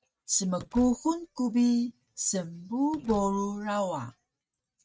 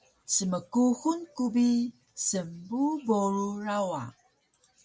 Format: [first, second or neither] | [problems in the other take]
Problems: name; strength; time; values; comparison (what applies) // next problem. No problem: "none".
second | noise reduction (neural mask model RNNoise)